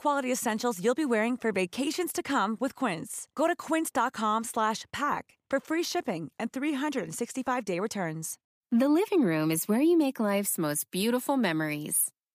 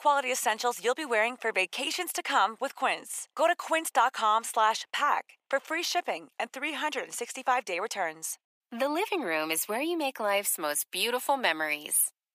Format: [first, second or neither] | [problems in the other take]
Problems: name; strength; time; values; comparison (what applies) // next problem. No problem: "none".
first | thin; very; fading below 650 Hz